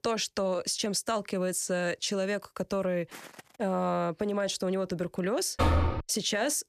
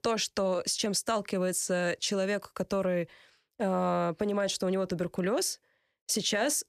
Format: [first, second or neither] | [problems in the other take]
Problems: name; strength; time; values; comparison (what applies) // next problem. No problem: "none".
second | footsteps; faint; at 3 s; peak 15 dB below the speech // door banging; loud; at 5.5 s; peak 4 dB above the speech